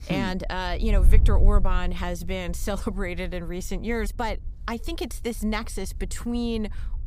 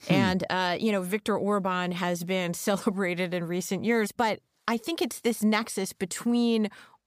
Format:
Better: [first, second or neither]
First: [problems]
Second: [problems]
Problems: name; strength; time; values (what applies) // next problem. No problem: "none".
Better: second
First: wind noise on the microphone; occasional gusts; 20 dB below the speech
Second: none